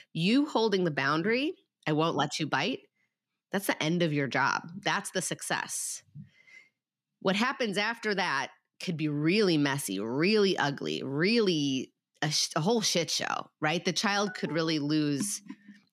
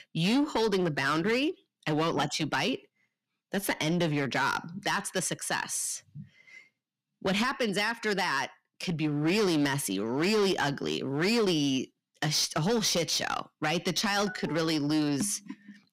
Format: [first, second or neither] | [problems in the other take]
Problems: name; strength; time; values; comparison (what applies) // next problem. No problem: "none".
first | distortion; slight; 9% of the sound clipped